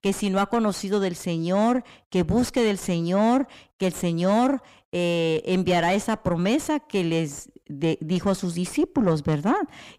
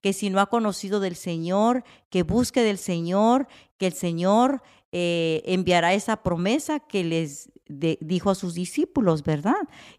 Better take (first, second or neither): second